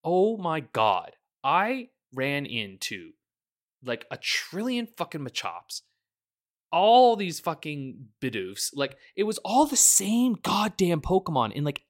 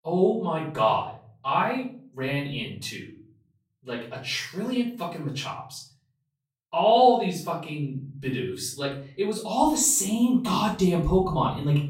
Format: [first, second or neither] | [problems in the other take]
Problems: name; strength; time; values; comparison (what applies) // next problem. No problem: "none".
first | off-mic speech; far // room echo; noticeable; dies away in 0.7 s